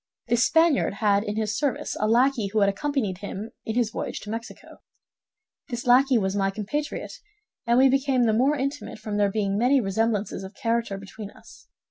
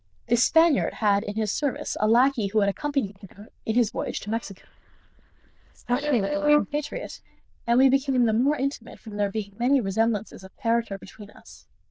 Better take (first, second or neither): first